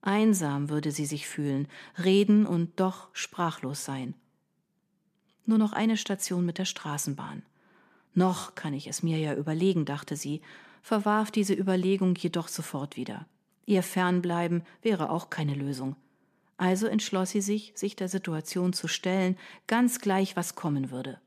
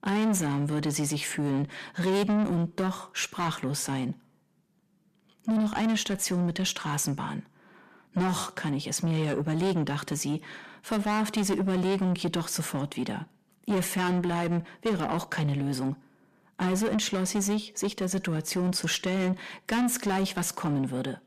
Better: first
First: none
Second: distortion; heavy; 7 dB below the speech

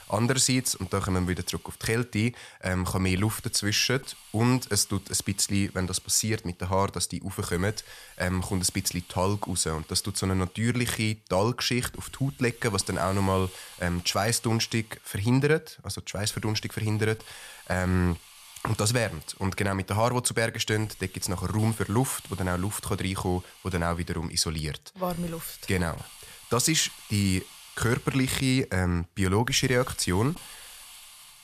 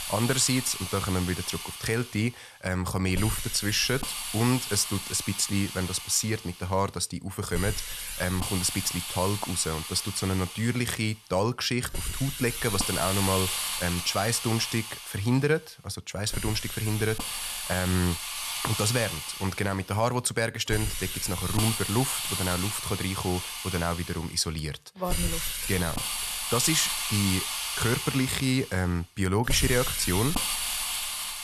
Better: first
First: hiss; faint; throughout; 20 dB below the speech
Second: hiss; loud; throughout; 3 dB below the speech

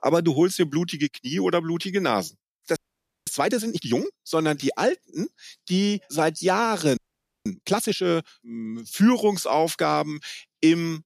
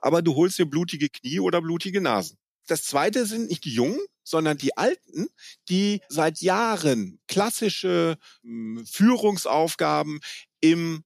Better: second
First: audio freezing; at 3 s for 0.5 s and at 7 s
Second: none

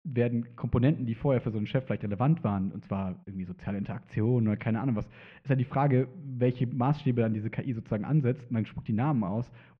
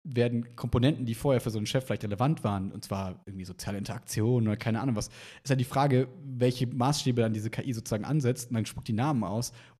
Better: second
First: muffled; very; fading above 2.5 kHz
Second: none

